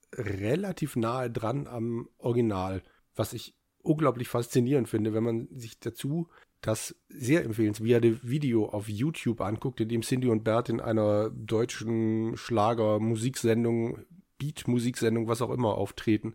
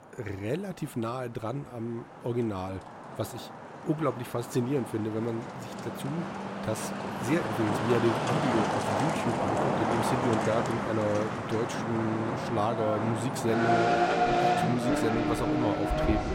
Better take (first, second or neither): first